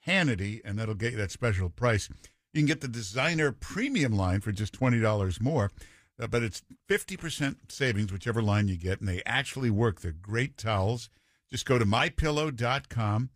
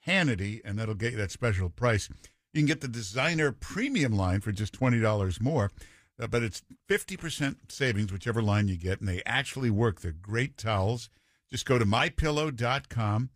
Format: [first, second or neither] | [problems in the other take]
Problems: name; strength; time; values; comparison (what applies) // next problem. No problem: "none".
neither | none